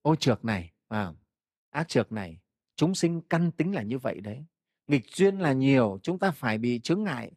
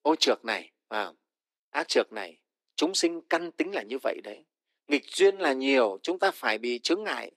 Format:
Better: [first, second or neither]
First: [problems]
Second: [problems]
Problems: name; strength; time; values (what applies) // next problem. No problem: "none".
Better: first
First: none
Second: thin; somewhat; fading below 300 Hz